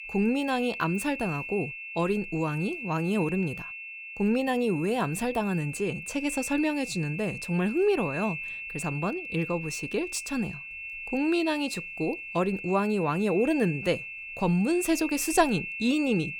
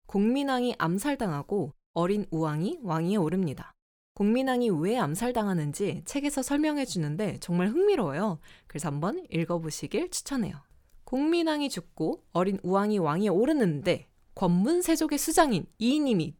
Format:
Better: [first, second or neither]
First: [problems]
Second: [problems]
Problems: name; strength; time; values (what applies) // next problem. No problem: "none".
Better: second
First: high-pitched whine; loud; throughout; 2.5 kHz, 8 dB below the speech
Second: none